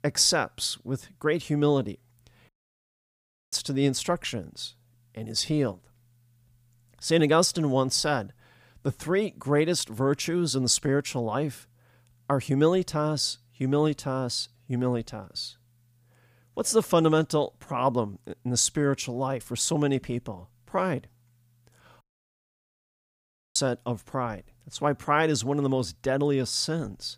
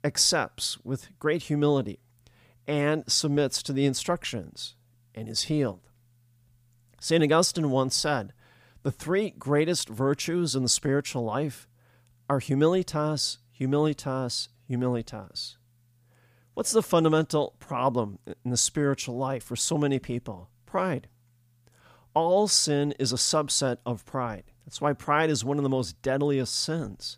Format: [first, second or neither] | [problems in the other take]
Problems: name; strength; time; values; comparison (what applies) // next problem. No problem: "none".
second | audio cutting out; at 2.5 s for 1 s and at 22 s for 1.5 s